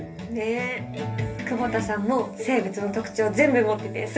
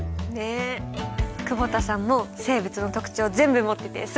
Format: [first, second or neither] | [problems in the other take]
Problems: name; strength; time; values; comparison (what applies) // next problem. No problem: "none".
second | room echo; dies away in 0.3 s